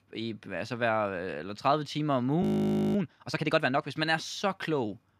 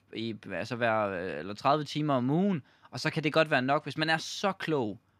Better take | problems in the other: second | audio freezing; at 2.5 s for 0.5 s

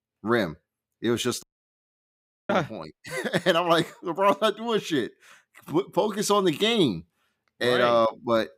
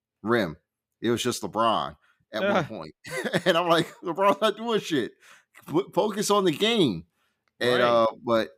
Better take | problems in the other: second | audio cutting out; at 1.5 s for 1 s

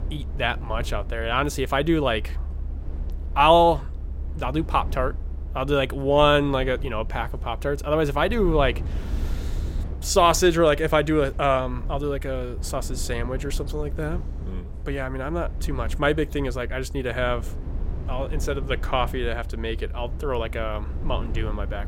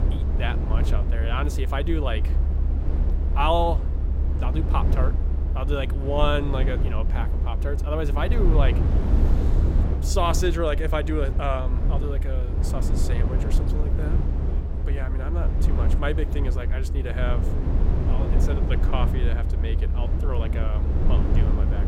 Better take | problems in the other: first | low rumble; loud; throughout; 7 dB below the speech; faint in the first

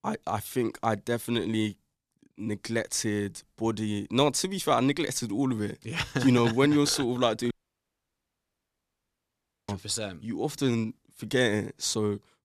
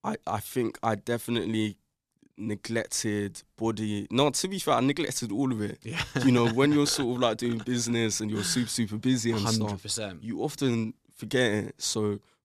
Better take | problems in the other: second | audio cutting out; at 7.5 s for 2 s

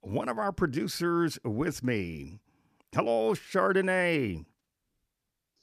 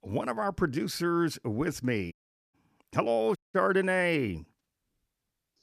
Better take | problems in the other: first | audio cutting out; at 2 s and at 3.5 s

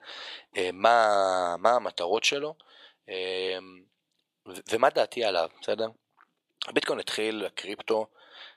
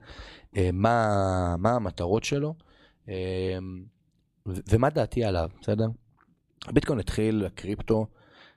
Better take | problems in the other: second | thin; very; fading below 600 Hz

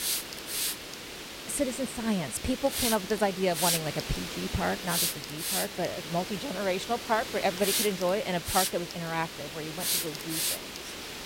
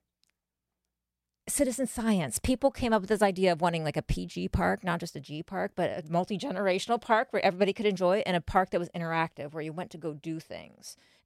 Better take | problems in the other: second | hiss; loud; throughout; 1 dB below the speech

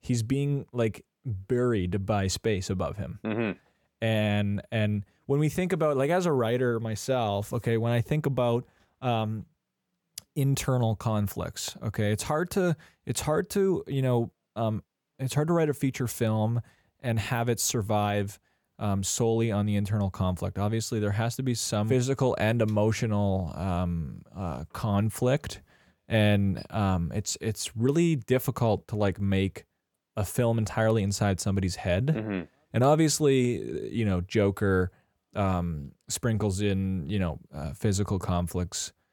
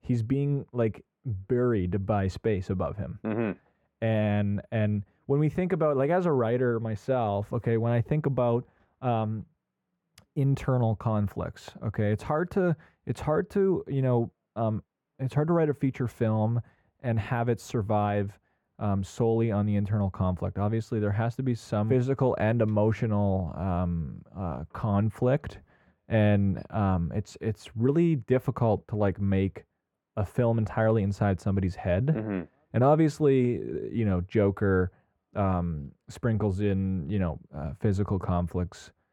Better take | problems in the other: first | muffled; very; fading above 3 kHz

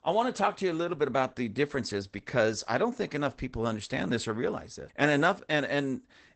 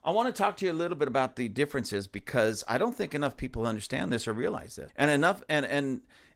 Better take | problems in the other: second | garbled, watery; badly; nothing above 8 kHz; slightly in the second

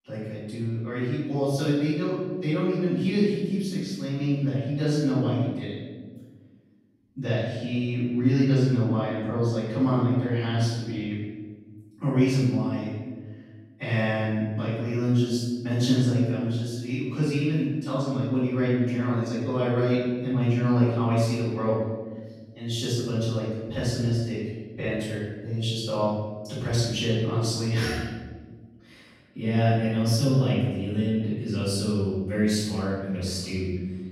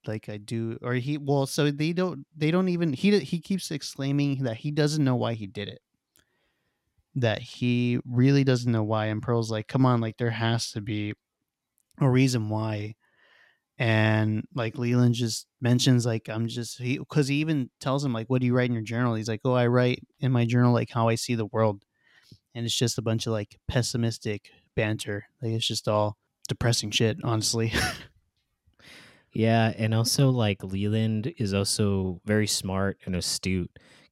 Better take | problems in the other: second | off-mic speech; far // room echo; strong; dies away in 1.4 s

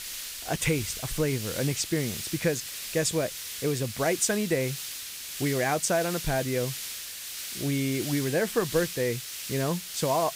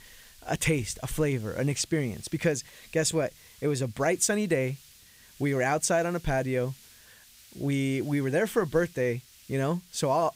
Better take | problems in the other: second | hiss; loud; throughout; 6 dB below the speech; faint in the second

